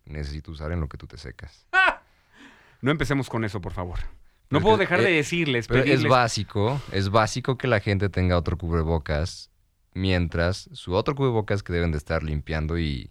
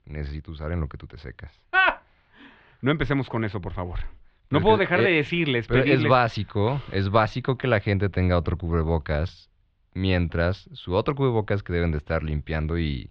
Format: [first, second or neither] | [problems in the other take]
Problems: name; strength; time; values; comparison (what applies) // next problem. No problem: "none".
first | muffled; slightly; fading above 3.5 kHz